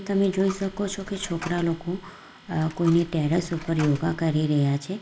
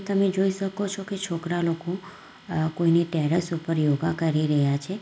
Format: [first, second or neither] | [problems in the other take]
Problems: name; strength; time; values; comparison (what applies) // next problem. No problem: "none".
second | background sound (Coin (dropping)); 17 dB below the speech